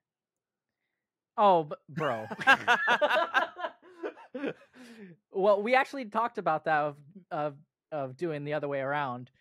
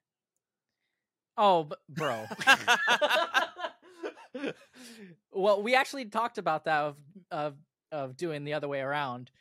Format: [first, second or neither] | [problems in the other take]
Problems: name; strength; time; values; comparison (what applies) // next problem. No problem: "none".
second | muffled; slightly; fading above 3 kHz